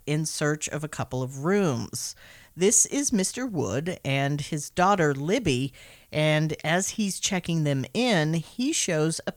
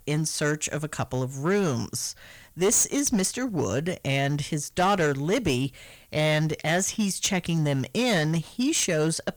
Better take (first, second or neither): first